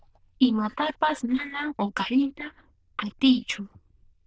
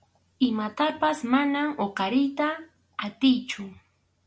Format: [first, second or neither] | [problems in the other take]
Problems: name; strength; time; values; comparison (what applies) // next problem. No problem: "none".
second | noise reduction (neural diffusion model UNIVERSE++)